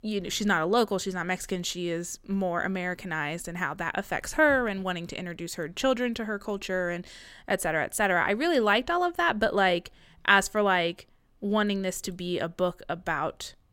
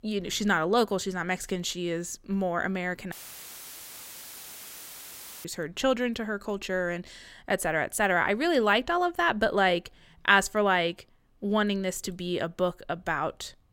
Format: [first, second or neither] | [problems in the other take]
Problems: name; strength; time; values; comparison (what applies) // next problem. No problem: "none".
first | audio cutting out; filled with static; at 3 s for 2.5 s